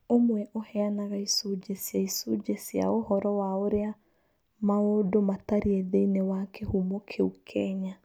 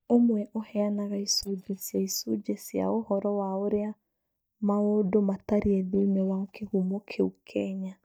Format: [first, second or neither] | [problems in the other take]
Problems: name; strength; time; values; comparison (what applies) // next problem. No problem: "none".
first | noise reduction (neural mask model DeepFilterNet 3)